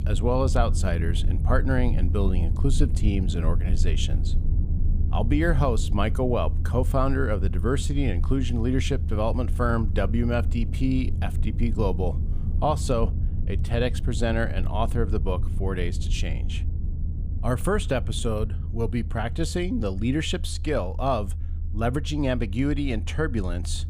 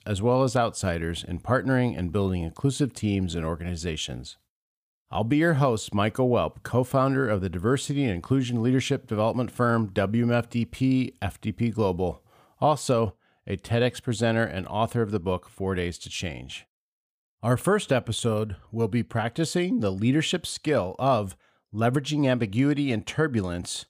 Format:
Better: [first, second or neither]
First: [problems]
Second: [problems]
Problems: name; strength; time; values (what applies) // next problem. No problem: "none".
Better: second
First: low rumble; noticeable; throughout; 15 dB below the speech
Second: none